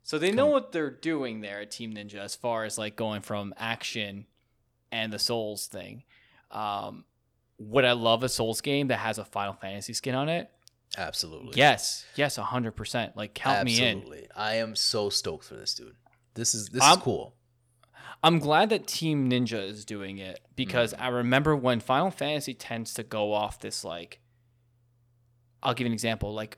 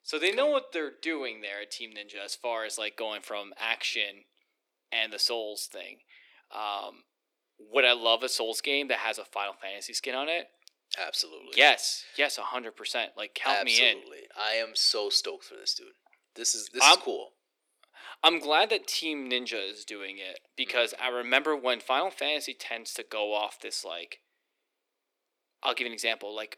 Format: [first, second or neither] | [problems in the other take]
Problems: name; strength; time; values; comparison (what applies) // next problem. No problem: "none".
first | thin; somewhat; fading below 300 Hz